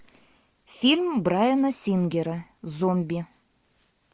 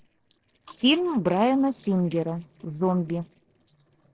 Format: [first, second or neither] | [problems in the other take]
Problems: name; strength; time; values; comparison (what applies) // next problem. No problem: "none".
first | noise reduction (neural separator model SepFormer DNS4)